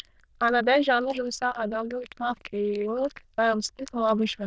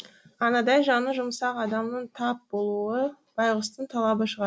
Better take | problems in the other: second | noise reduction (neural diffusion model UNIVERSE++)

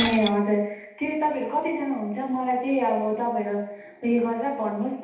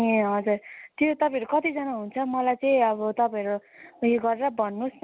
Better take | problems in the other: second | background sound (Shatter); 14 dB below the speech // room echo; dies away in 0.8 s

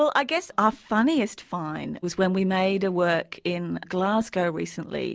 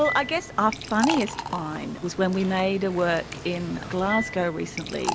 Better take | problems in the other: first | background sound (Liquid); 8 dB below the speech

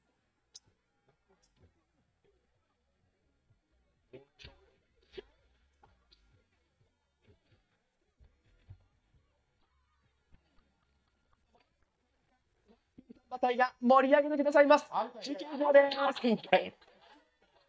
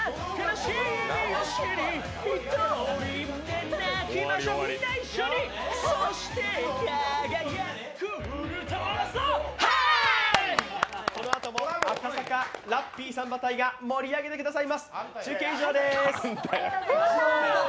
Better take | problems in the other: second | noise reduction (neural mask model DeepFilterNet 3)

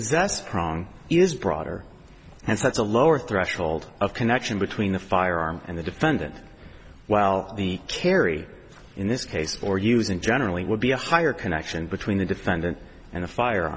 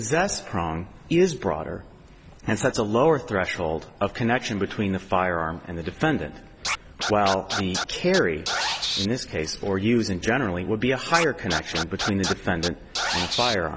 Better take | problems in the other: first | background sound (Scratching (performance technique)); 5 dB below the speech

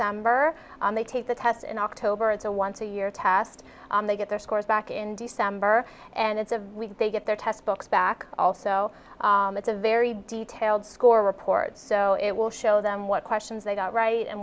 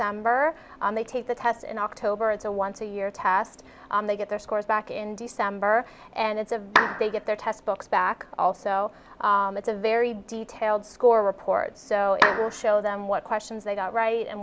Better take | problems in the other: first | background sound (Clapping); as loud as the speech

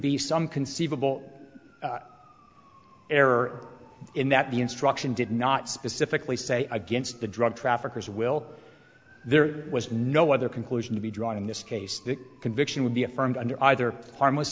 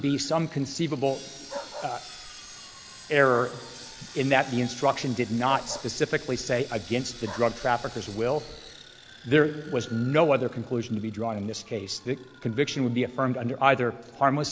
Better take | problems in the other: first | background sound (Sawing + Bark); 17 dB below the speech

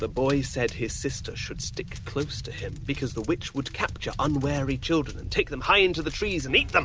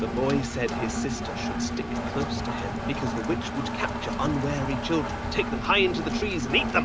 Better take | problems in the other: first | background sound (Engine); 2 dB below the speech

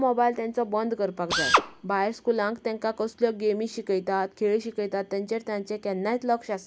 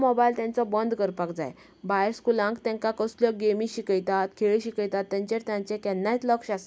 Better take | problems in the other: second | background sound (Drill); 2 dB above the speech

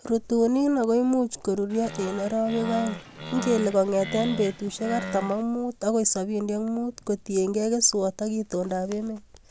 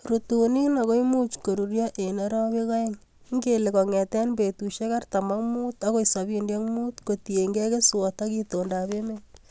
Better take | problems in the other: second | background sound (Animal); 10 dB below the speech

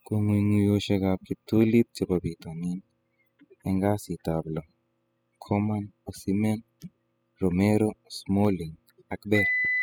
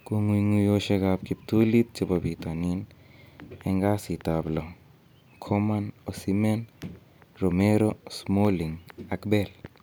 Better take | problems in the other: second | noise reduction (classical method spectral subtraction)

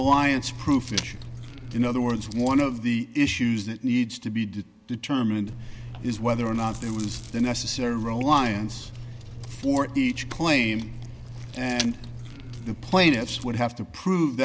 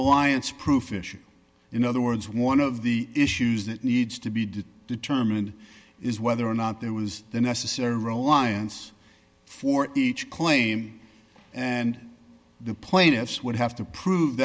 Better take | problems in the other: second | background sound (Chewing, mastication); 12 dB below the speech

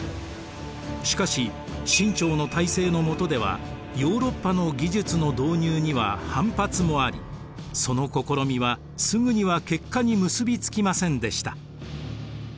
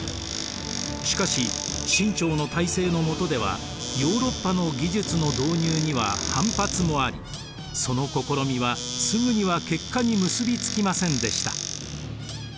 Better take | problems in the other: first | background sound (Squeak / Cupboard open or close); 8 dB below the speech

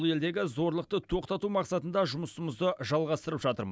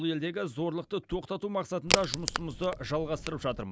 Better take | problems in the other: first | background sound (Crack); 1 dB below the speech

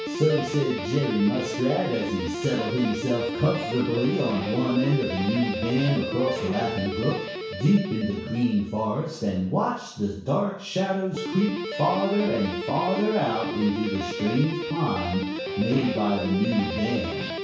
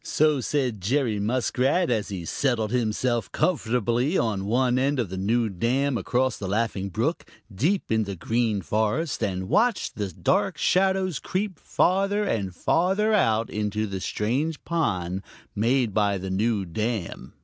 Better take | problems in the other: second | background sound (Guitar); 6 dB below the speech // room echo; dies away in 0.6 s

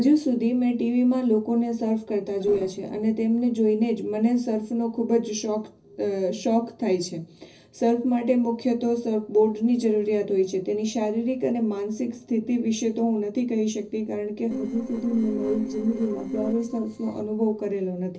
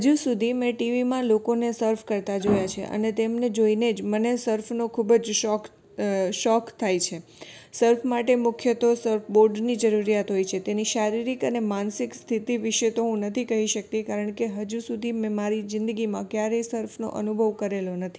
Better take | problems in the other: second | noise reduction (neural separator model SepFormer DNS4)

